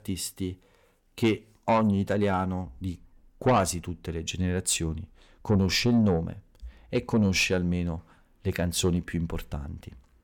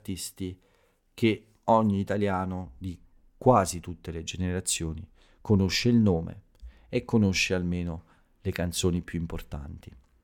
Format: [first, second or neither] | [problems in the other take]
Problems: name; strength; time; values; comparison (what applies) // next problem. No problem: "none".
second | distortion; slight; 10 dB below the speech